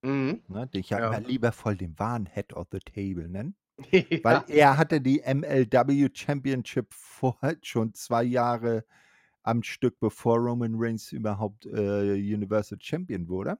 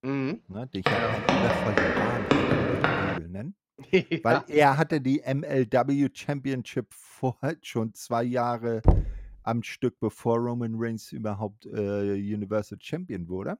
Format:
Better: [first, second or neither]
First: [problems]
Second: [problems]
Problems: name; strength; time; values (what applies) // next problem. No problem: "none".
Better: first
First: none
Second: footsteps; loud; from 1 to 3 s; peak 5 dB above the speech // door banging; loud; at 9 s; peak 4 dB above the speech